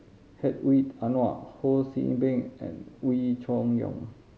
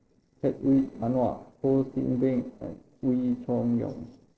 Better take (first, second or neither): first